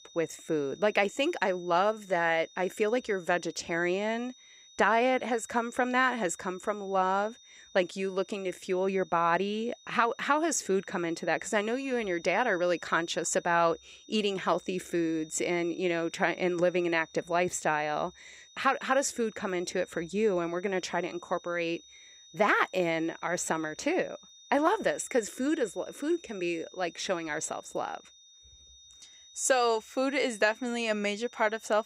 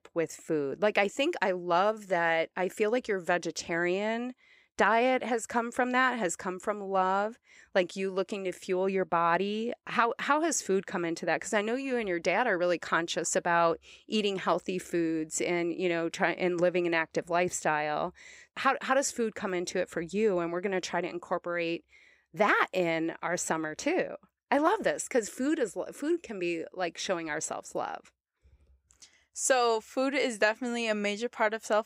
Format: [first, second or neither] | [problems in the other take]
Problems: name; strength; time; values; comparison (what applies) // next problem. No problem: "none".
second | high-pitched whine; faint; throughout; 3.5 kHz, 25 dB below the speech